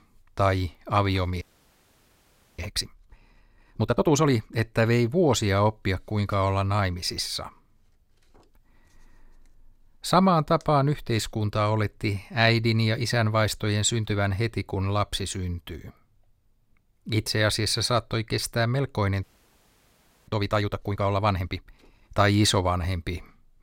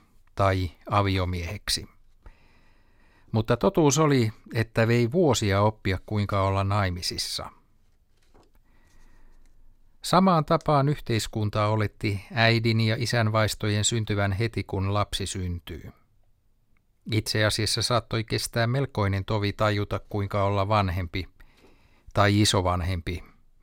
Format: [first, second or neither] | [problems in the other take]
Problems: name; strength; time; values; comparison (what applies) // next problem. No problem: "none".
second | audio freezing; at 1.5 s for 1 s and at 19 s for 1 s